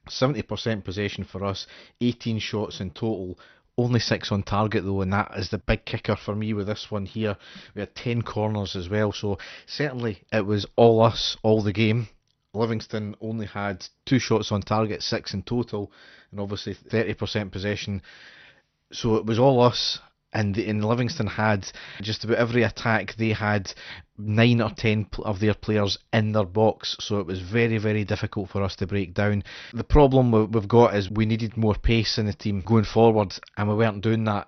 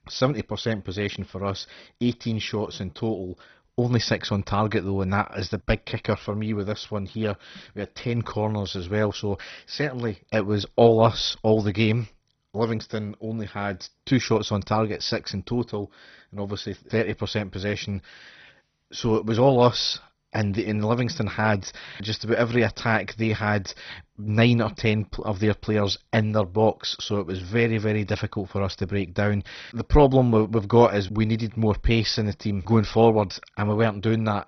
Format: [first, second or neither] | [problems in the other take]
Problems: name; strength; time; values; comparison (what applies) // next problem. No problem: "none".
first | garbled, watery; badly; nothing above 6 kHz; slightly in the first